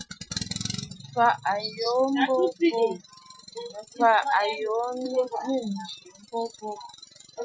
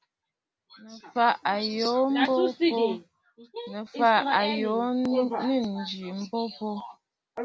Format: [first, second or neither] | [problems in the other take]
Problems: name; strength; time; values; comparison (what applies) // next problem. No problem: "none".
second | noise reduction (classical method Wiener filter)